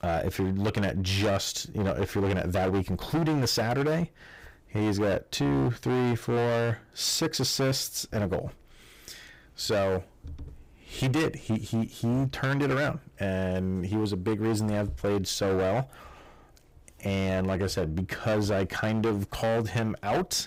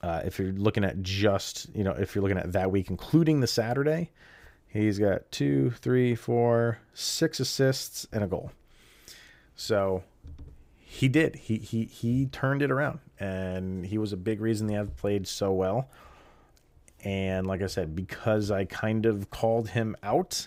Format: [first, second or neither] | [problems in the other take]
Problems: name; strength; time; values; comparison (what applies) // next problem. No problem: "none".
second | distortion; heavy; 17% of the sound clipped